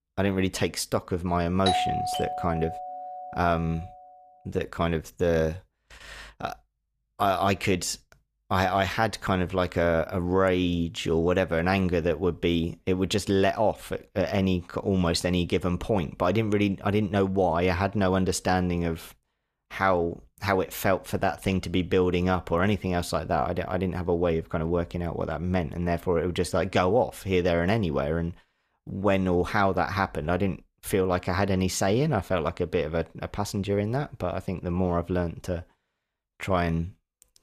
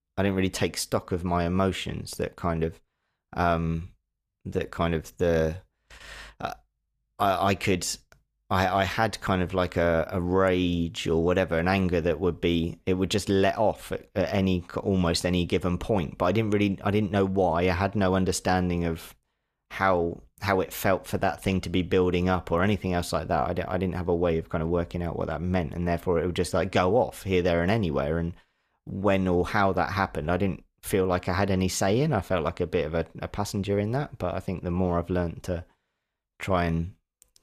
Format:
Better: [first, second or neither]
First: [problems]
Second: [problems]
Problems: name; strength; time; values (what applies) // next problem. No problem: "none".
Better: second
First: doorbell; loud; from 1.5 to 3.5 s; peak 1 dB above the speech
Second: none